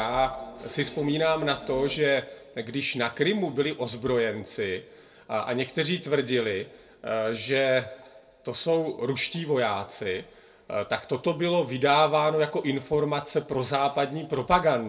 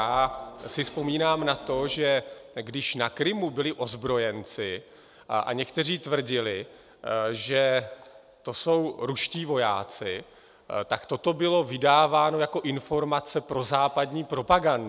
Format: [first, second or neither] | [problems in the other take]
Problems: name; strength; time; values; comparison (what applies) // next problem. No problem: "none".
second | room echo; dies away in 0.2 s